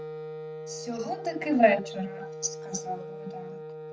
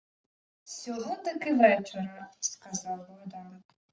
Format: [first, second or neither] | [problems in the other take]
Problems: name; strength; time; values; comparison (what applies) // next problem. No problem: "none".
second | background sound (Wind instrument, woodwind instrument); 9 dB below the speech